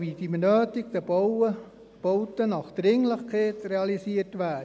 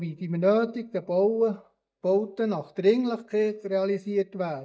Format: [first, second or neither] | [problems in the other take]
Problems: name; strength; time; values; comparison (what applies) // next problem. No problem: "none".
first | noise reduction (neural mask model DeepFilterNet 3)